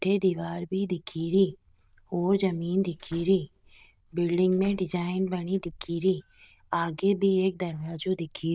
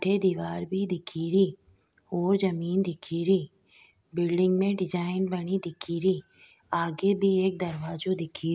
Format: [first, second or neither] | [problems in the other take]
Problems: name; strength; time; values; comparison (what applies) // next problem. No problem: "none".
second | noise reduction (neural diffusion model UNIVERSE++)